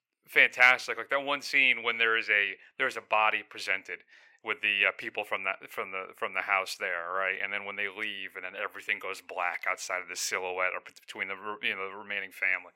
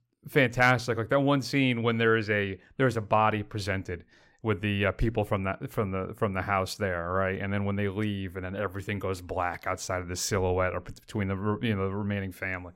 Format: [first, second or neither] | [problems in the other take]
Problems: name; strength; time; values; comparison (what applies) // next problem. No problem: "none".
second | thin; very; fading below 650 Hz